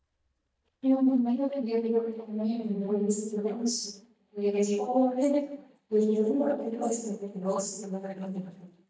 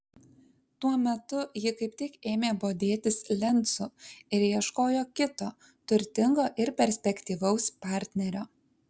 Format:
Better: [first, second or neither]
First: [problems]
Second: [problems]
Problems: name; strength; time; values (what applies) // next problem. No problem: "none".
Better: second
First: noise reduction (neural mask model DeepFilterNet 3)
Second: none